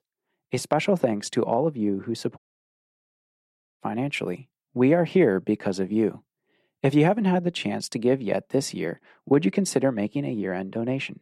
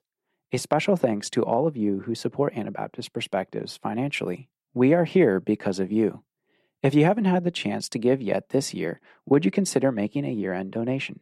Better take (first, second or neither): second